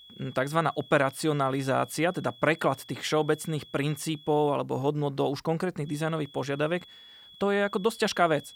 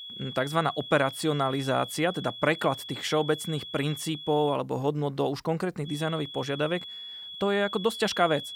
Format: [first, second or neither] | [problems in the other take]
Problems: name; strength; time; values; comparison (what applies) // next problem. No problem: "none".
first | high-pitched whine; loud; until 4.5 s and from 6 s on; 3.5 kHz, 10 dB below the speech; faint in the first